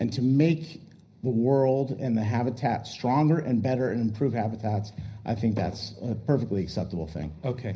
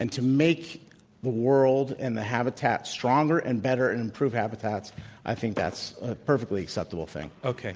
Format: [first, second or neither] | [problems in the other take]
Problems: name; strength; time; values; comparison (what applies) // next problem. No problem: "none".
second | room echo; dies away in 0.5 s